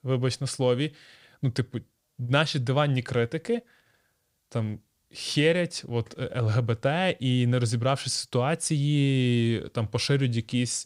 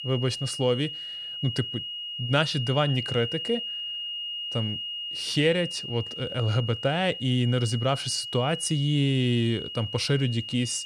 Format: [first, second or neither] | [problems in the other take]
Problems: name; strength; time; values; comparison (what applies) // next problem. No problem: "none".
first | high-pitched whine; loud; throughout; 3 kHz, 6 dB below the speech